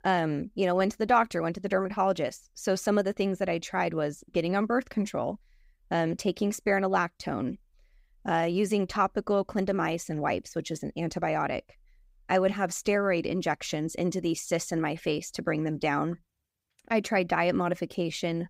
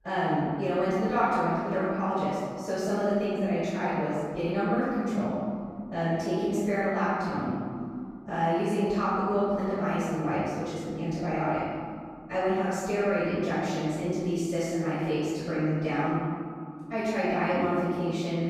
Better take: first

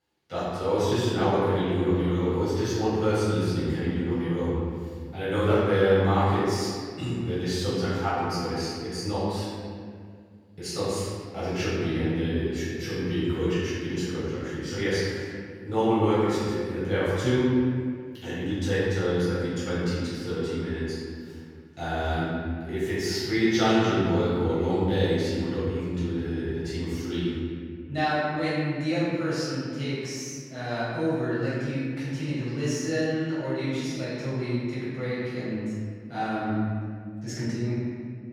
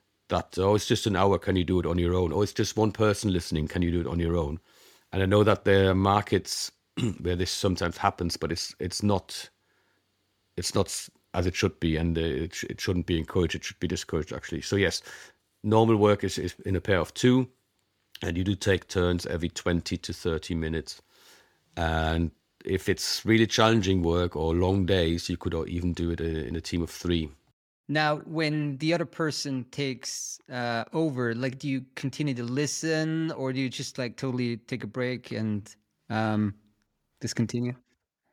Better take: second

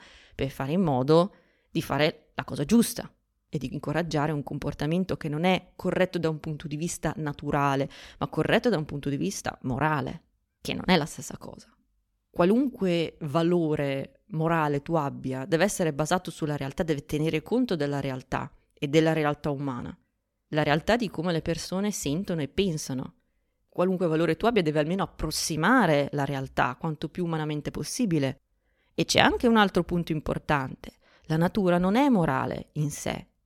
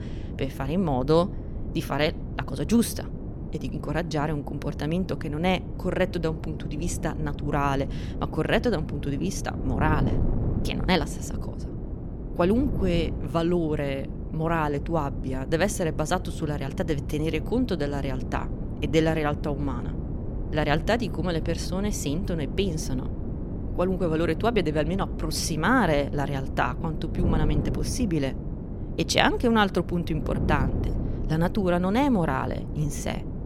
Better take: first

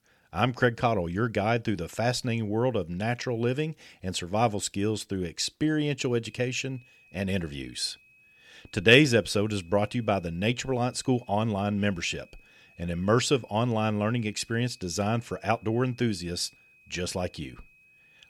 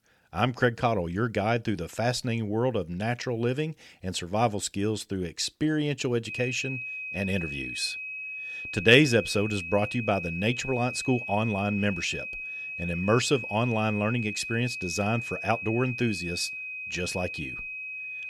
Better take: first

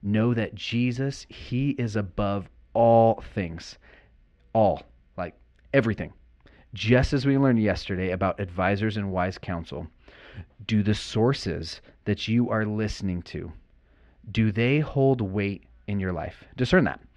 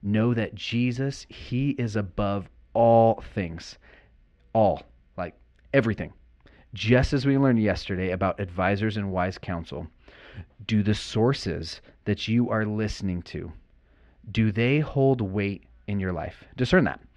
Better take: neither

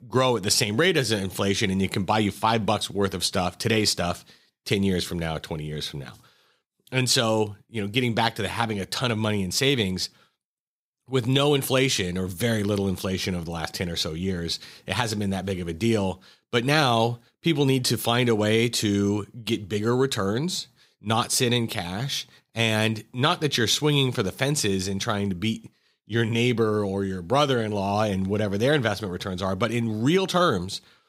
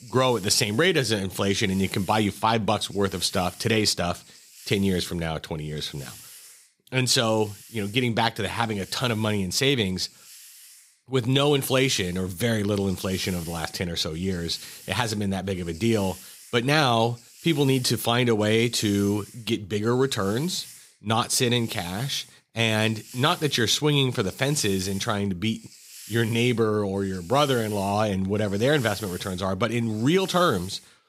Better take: first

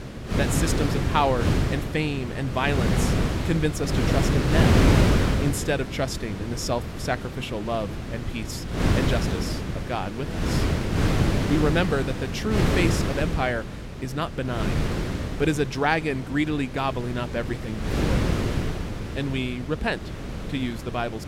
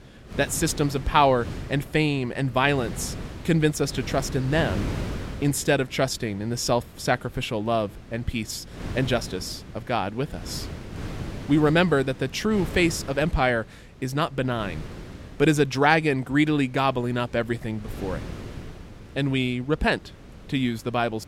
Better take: second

